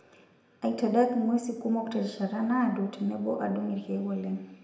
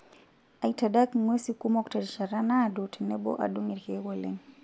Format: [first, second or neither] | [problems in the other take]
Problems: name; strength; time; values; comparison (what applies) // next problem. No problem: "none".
second | room echo; dies away in 0.8 s